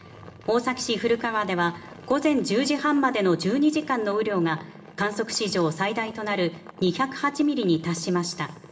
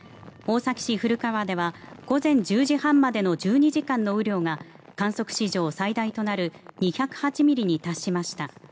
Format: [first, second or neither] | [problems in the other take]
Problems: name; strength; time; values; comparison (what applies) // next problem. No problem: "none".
second | room echo; dies away in 1.3 s